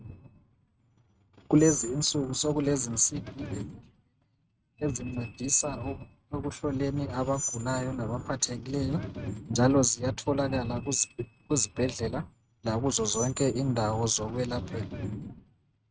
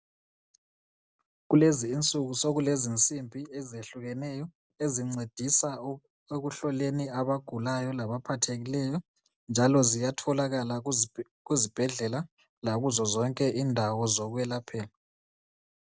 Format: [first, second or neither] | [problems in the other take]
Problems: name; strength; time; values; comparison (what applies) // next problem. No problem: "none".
second | noise reduction (neural mask model RNNoise)